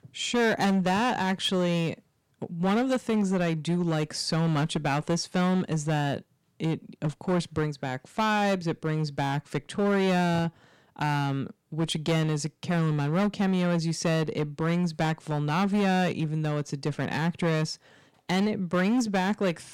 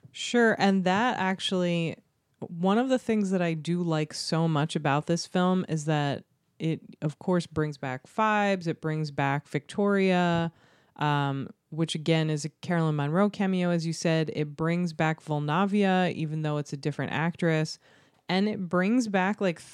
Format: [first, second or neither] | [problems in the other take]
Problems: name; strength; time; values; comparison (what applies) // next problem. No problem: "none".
second | distortion; slight; 11% of the sound clipped